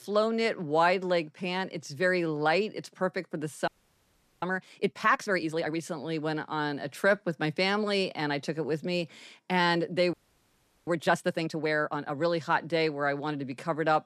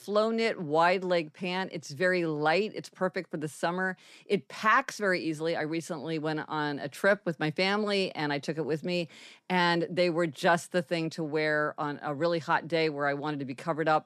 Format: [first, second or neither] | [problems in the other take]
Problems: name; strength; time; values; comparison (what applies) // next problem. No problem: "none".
second | audio freezing; at 3.5 s for 0.5 s and at 10 s for 0.5 s